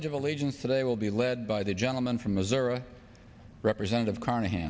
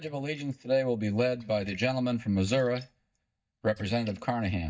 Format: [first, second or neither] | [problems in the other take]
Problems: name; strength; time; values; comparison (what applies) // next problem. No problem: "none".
first | noise reduction (neural mask model DeepFilterNet 3)